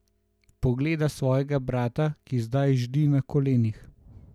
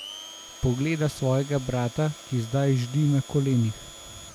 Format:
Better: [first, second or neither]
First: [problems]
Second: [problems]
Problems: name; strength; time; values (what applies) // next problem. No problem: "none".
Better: first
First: none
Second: background sound (Domestic sounds, home sounds); 17 dB below the speech